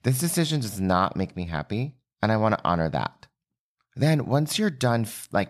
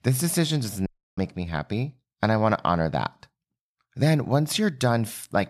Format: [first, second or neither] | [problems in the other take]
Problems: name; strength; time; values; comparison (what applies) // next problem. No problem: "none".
first | audio cutting out; at 1 s